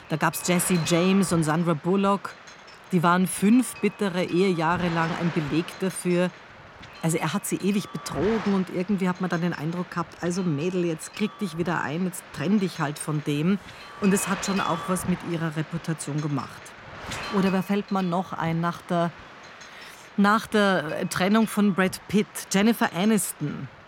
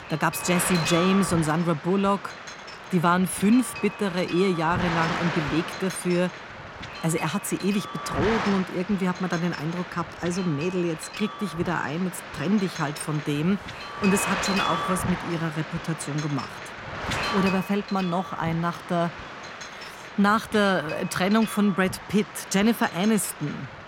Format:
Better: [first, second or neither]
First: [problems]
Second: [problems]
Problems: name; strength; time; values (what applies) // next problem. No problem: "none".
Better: first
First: wind noise on the microphone; occasional gusts; 10 dB below the speech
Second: wind noise on the microphone; heavy; 4 dB below the speech